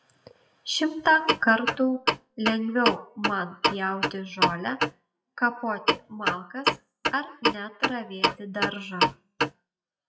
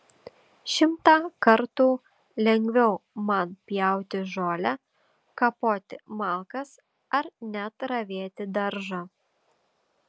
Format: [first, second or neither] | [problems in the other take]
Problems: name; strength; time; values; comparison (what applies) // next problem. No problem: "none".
second | noise reduction (classical method WPE with log-MMSE)